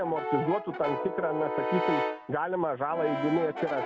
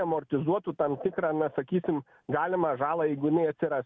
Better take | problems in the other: second | background sound (Brass instrument); 3 dB below the speech

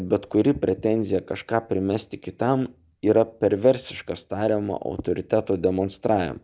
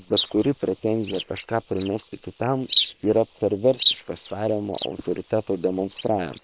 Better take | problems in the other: first | noise reduction (neural separator model SepFormer WHAM!)

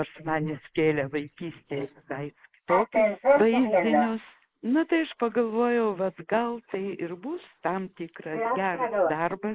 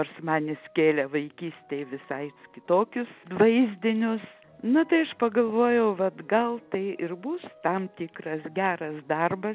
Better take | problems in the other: second | noise reduction (neural mask model Resemble Enhance denoiser)

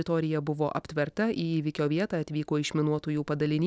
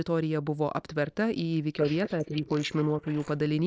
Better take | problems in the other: first | noise reduction (neural mask model Resemble Enhance denoiser)

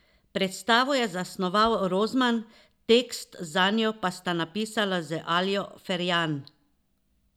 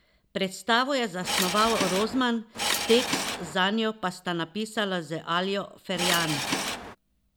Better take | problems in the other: first | background sound (Subway, metro, underground / Engine); 1 dB below the speech

